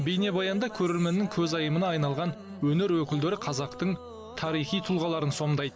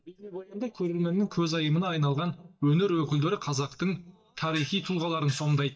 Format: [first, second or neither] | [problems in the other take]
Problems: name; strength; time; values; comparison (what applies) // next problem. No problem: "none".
first | noise reduction (neural mask model DeepFilterNet 3)